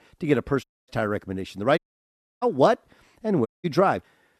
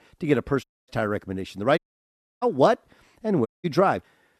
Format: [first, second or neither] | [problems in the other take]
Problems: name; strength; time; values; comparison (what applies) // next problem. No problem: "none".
neither | audio cutting out; at 0.5 s, at 2 s for 0.5 s and at 3.5 s; the same in both